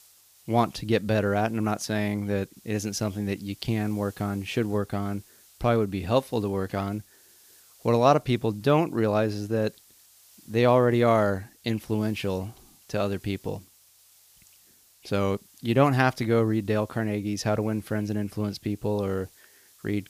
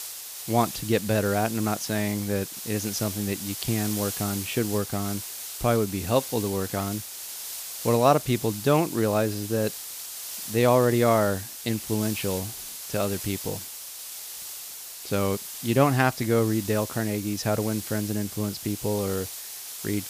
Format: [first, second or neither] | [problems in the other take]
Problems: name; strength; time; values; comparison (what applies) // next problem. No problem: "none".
first | hiss; loud; throughout; 8 dB below the speech; faint in the first